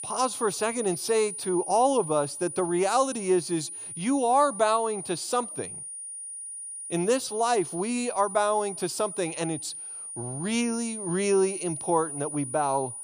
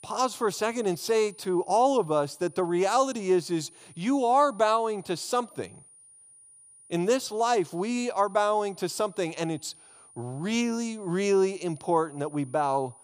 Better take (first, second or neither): second